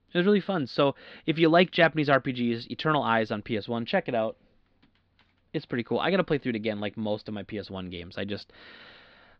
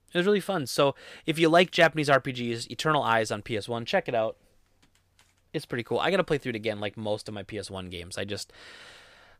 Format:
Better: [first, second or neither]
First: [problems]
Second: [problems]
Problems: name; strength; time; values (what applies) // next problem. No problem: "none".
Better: second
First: muffled; very slightly; fading above 4 kHz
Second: none